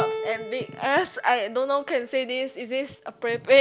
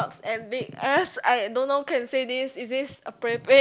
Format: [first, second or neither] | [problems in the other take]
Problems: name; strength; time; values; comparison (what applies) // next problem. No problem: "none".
second | background sound (Keyboard (musical)); 13 dB below the speech